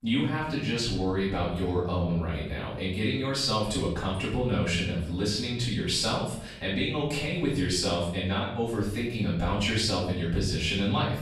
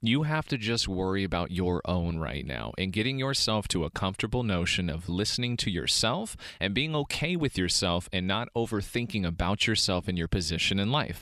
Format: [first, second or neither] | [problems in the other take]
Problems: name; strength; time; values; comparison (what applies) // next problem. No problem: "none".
second | off-mic speech; far // room echo; noticeable; dies away in 0.7 s